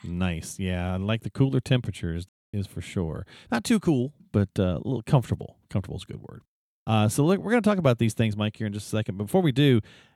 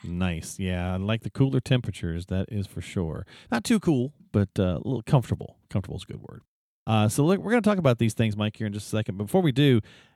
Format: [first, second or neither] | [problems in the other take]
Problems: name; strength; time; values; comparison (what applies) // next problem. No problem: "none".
second | audio cutting out; at 2.5 s